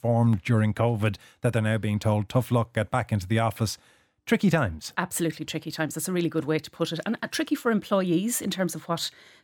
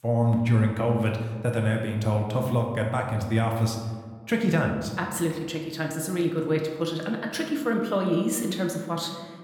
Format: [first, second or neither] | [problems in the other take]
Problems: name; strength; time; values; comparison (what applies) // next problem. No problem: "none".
first | room echo; slight; dies away in 1.1 s